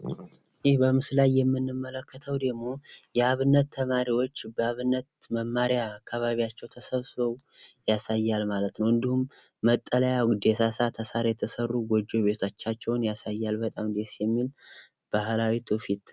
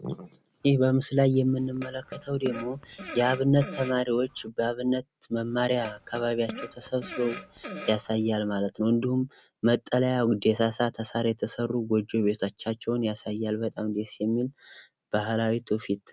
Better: first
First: none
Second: background sound (Fart); 14 dB below the speech

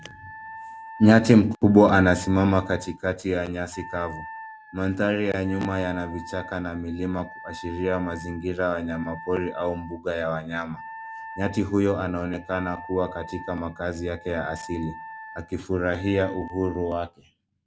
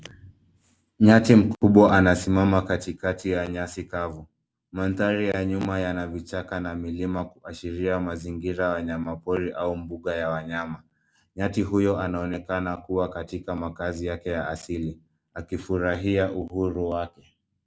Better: second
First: background sound (Wind instrument, woodwind instrument); 17 dB below the speech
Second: none

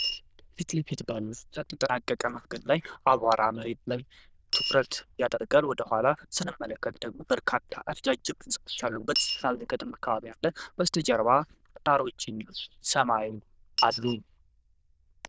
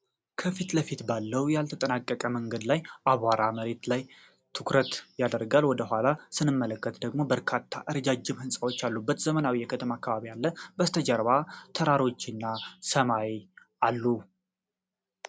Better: second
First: noise reduction (neural diffusion model UNIVERSE++)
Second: none

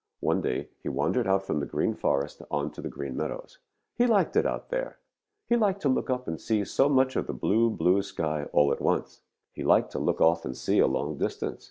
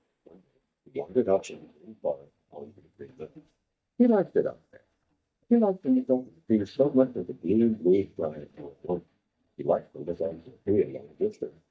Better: first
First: none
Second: noise reduction (neural mask model DeepFilterNet 3)

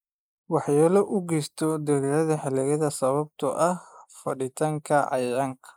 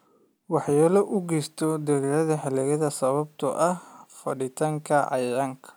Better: second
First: noise reduction (neural mask model Resemble Enhance denoiser)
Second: none

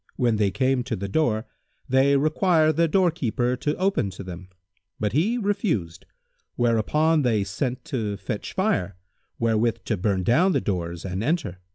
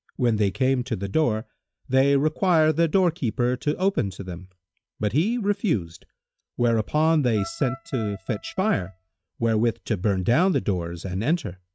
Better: first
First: none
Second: noise reduction (neural mask model RNNoise)

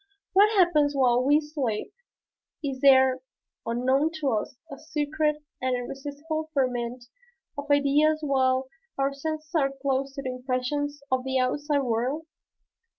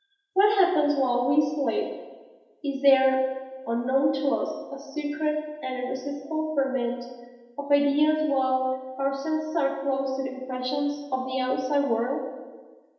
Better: first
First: none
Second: room echo; dies away in 1 s

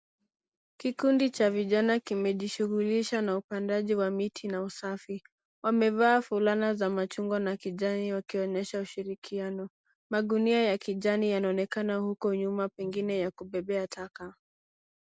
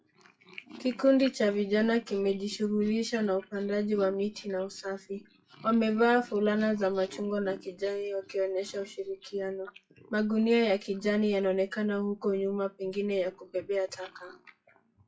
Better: first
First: none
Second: noise reduction (classical method WPE with log-MMSE)

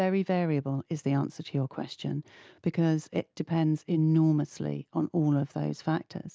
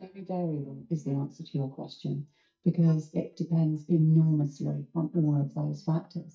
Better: first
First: none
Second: noise reduction (neural mask model DeepFilterNet 3)

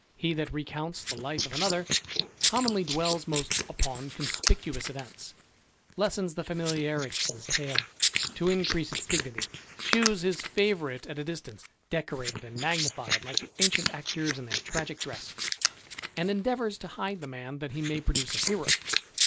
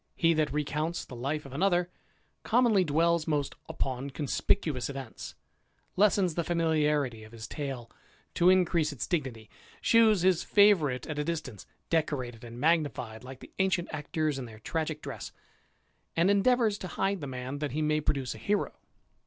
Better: second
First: noise reduction (neural mask model Resemble Enhance denoiser)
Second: none

